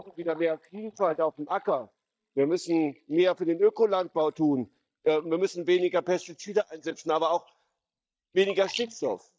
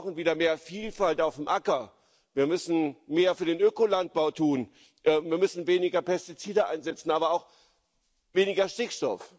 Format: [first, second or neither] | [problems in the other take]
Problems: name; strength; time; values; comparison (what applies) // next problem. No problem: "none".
second | noise reduction (neural mask model DeepFilterNet 3)